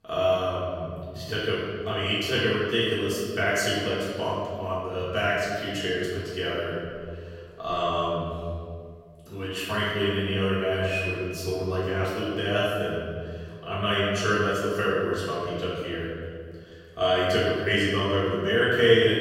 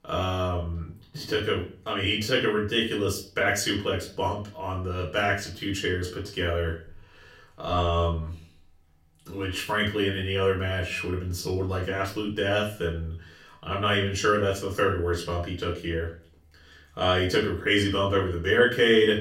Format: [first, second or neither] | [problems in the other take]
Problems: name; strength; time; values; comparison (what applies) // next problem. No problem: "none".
second | room echo; strong; dies away in 1.9 s; slight in the second // off-mic speech; far; far in the second